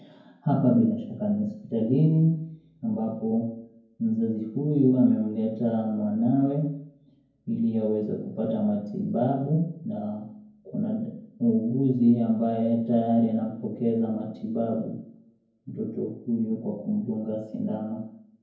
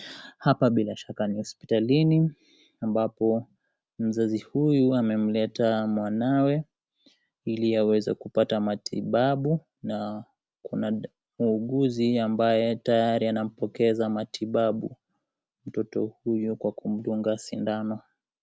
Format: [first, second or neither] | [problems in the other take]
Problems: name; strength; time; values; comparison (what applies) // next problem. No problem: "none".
second | room echo; dies away in 0.9 s